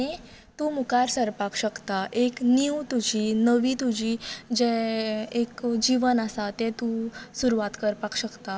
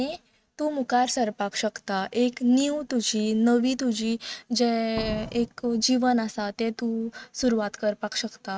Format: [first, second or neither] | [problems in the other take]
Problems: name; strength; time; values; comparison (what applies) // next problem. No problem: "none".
first | noise reduction (neural mask model RNNoise)